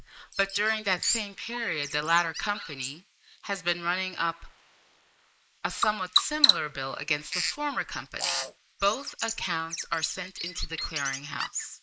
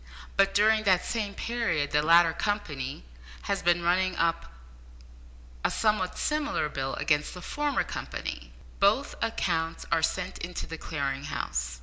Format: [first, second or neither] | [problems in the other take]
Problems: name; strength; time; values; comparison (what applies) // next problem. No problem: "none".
second | noise reduction (neural mask model Resemble Enhance denoiser)